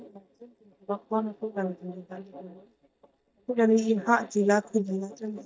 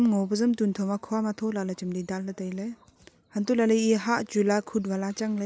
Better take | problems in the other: second | noise reduction (neural mask model DeepFilterNet 3)

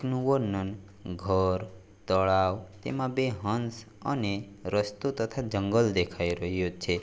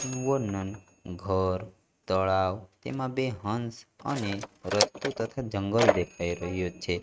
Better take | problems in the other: first | noise reduction (neural mask model RNNoise)

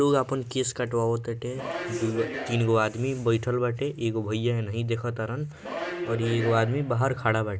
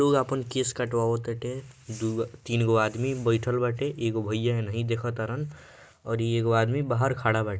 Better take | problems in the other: second | background sound (Subway, metro, underground); 9 dB below the speech

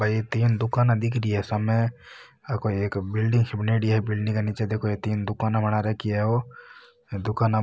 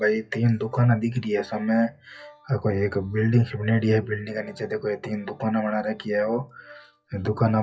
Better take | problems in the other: first | noise reduction (classical method WPE with log-MMSE)

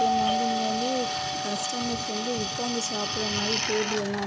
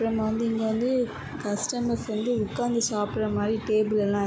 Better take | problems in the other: second | background sound (Doorbell + Drill); 2 dB above the speech

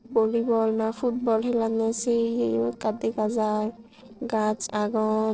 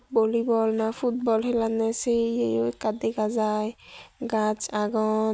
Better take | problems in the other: second | noise reduction (neural separator model SepFormer DNS4)

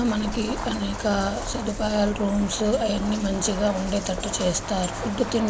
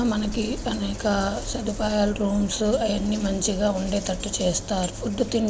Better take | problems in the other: second | background sound (Fireworks); 12 dB below the speech

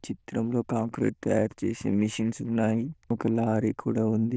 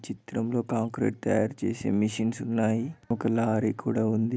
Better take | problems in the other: second | noise reduction (neural diffusion model UNIVERSE++)

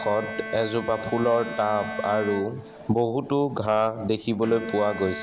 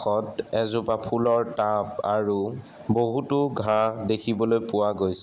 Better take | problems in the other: second | background sound (Bowed string instrument); 12 dB below the speech

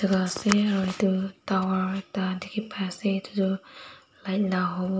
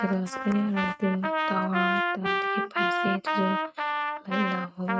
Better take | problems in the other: first | noise reduction (neural mask model RNNoise)

